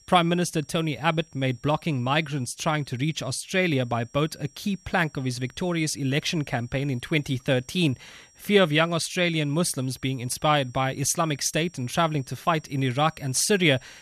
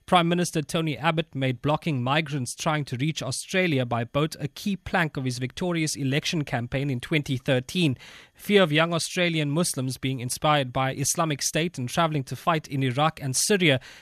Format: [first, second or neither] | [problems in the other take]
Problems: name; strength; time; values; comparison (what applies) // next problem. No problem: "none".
second | high-pitched whine; faint; throughout; 5.5 kHz, 30 dB below the speech